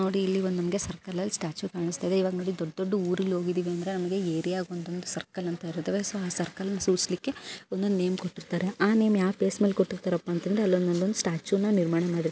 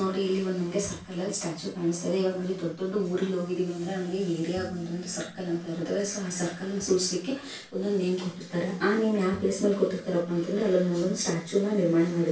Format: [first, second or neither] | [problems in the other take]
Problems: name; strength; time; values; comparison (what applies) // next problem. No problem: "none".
first | background sound (Bowed string instrument); 19 dB below the speech // room echo; dies away in 0.3 s